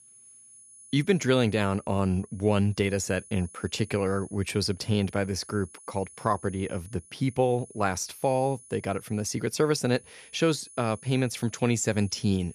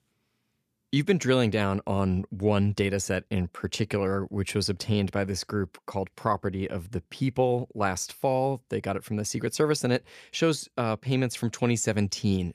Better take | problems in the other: second | high-pitched whine; faint; throughout; 10 kHz, 20 dB below the speech

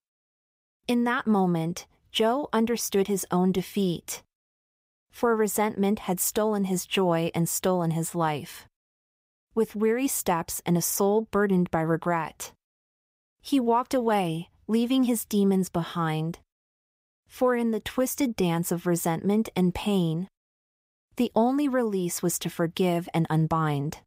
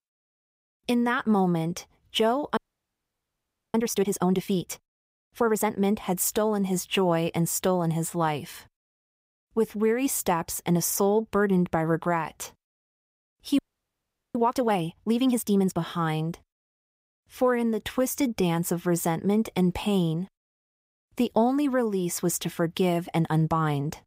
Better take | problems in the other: first | audio freezing; at 2.5 s for 1 s and at 14 s for 1 s

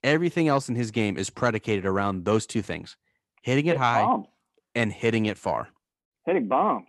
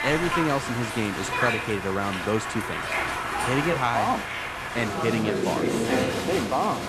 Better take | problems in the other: first | crowd noise; very loud; throughout; as loud as the speech

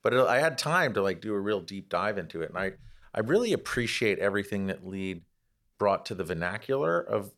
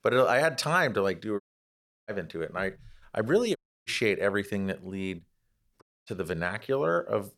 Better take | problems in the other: first | audio cutting out; at 1.5 s for 0.5 s, at 3.5 s and at 6 s

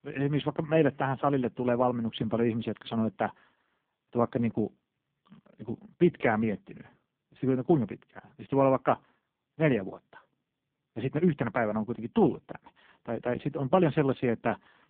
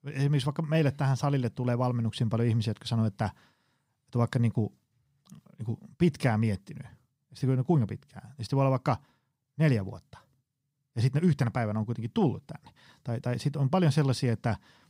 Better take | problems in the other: second | phone-call audio; poor line

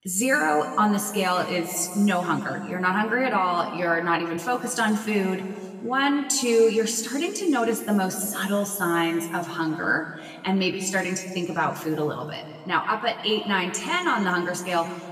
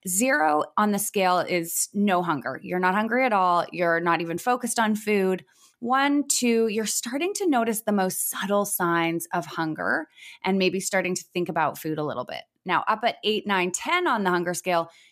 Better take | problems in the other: second | room echo; slight; dies away in 1.8 s // off-mic speech; somewhat distant

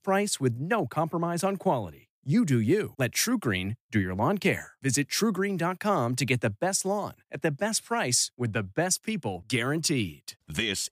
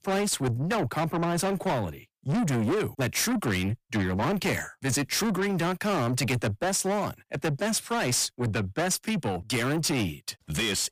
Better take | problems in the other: first | distortion; heavy; 7 dB below the speech

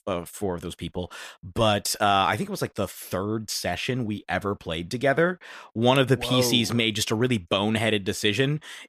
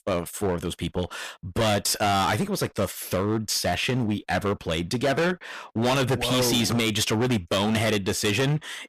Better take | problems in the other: first | distortion; heavy; 17% of the sound clipped

